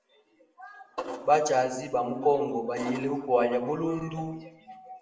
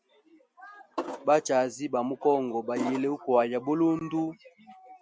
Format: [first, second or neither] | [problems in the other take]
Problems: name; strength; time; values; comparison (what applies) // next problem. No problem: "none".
second | room echo; dies away in 0.7 s